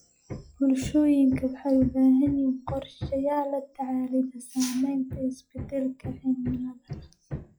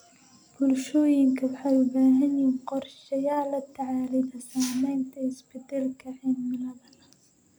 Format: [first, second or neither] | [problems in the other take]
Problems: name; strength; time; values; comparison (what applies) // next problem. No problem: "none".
second | noise reduction (classical method log-MMSE)